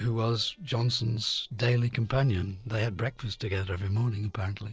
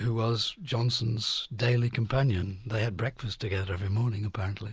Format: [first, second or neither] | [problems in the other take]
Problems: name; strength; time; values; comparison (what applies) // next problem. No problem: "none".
second | noise reduction (neural separator model SepFormer DNS4)